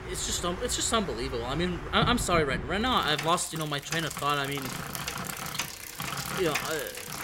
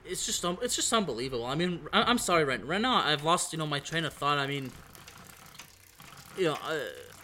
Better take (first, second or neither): second